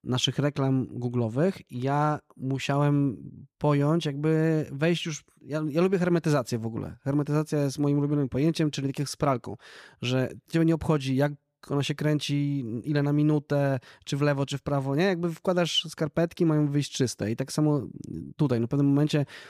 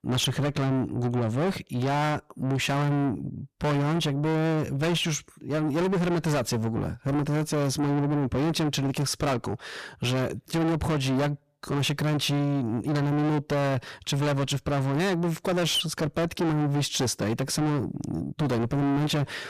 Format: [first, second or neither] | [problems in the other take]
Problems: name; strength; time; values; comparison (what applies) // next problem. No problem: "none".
first | distortion; heavy; 5 dB below the speech